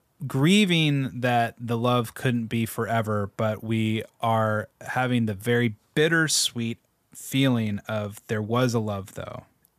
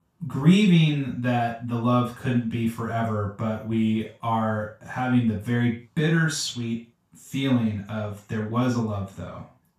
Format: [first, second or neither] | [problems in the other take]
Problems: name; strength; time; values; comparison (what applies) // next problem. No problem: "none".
first | room echo; noticeable; dies away in 0.3 s // off-mic speech; far